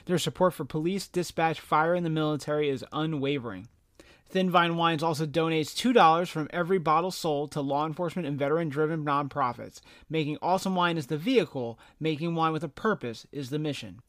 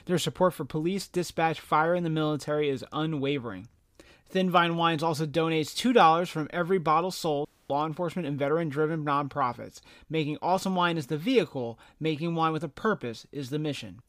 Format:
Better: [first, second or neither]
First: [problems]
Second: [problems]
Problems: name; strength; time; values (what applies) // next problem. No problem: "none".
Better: first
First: none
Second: audio cutting out; at 7.5 s